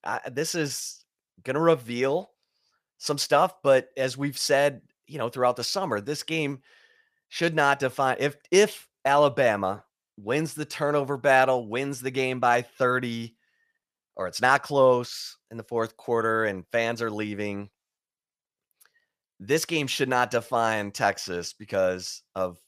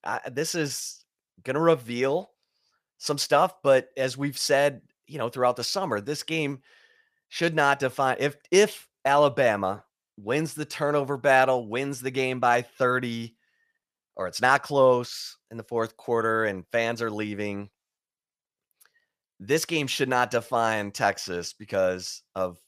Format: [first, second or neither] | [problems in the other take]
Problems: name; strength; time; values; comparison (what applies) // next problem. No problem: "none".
neither | none